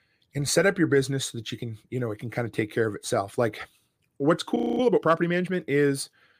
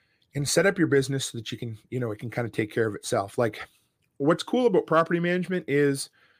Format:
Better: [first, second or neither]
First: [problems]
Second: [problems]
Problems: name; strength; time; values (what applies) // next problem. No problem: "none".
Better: second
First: audio freezing; at 4.5 s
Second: none